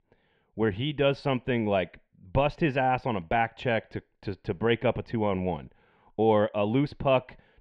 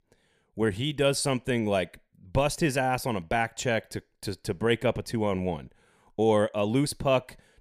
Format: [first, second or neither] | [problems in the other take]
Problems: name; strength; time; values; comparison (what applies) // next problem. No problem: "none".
second | muffled; very; fading above 3 kHz